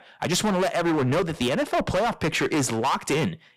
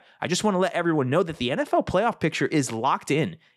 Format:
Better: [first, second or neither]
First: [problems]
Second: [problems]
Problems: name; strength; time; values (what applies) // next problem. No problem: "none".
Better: second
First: distortion; heavy; 22% of the sound clipped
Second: none